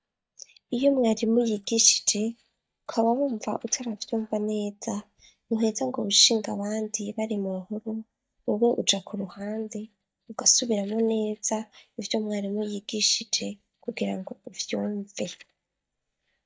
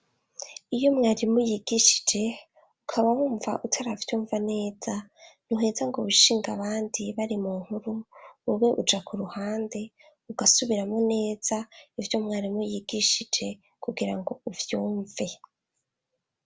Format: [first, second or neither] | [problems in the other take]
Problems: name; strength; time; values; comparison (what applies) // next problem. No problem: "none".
second | noise reduction (neural mask model DeepFilterNet 3)